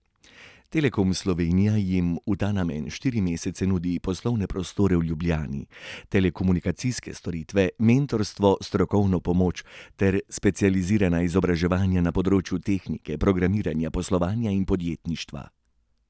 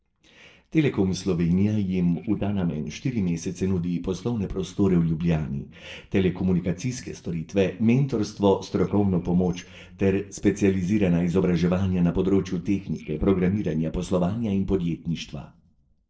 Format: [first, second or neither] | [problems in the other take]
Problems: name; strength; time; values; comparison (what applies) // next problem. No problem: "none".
first | noise reduction (neural separator model SepFormer DNS4)